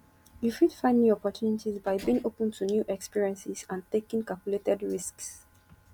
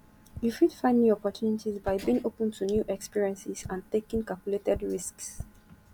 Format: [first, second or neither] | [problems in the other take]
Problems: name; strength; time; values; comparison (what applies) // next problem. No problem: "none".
first | background sound (Tap); 18 dB below the speech